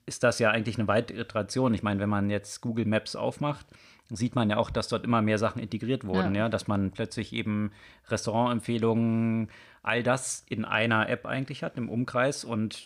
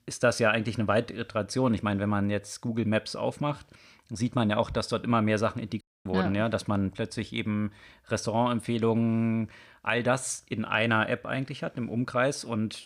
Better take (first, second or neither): first